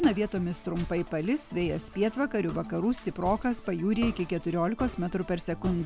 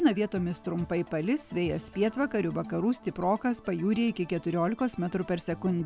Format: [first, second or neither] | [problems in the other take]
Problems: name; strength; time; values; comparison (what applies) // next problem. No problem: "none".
second | background sound (Walk, footsteps); 14 dB below the speech